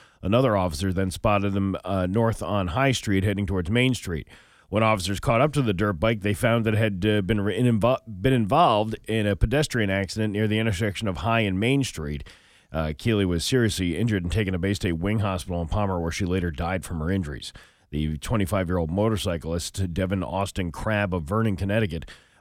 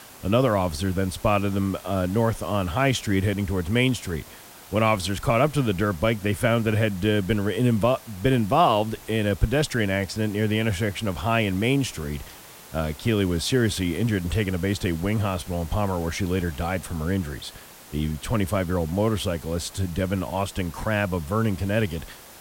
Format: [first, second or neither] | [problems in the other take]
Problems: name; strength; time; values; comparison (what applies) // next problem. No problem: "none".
first | hiss; noticeable; throughout; 20 dB below the speech